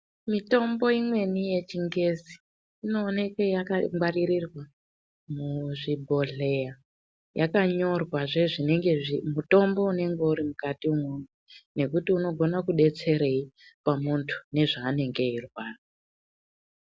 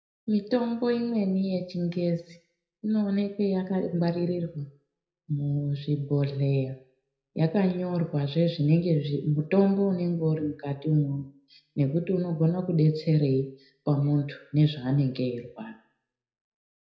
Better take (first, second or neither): first